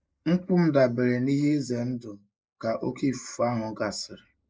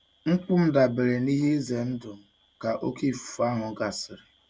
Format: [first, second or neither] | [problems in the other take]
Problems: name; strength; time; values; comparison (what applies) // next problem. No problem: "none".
second | noise reduction (neural mask model Resemble Enhance denoiser)